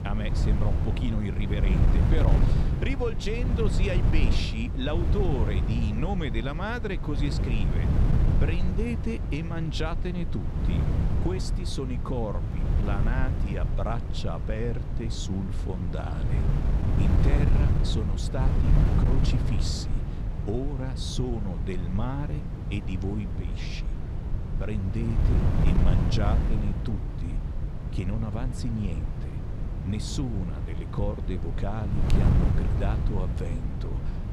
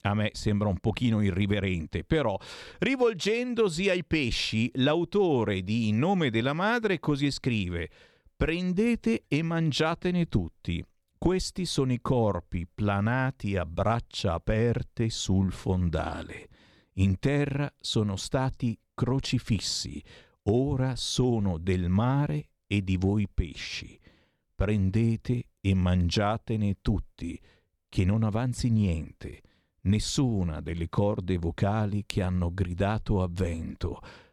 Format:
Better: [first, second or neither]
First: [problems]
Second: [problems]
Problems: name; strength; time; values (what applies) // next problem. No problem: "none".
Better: second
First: wind noise on the microphone; heavy; 3 dB below the speech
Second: none